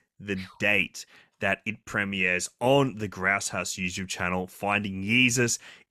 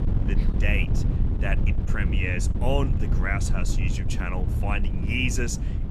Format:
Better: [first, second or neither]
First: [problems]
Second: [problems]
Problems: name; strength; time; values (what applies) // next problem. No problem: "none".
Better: first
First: none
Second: wind noise on the microphone; heavy; 8 dB below the speech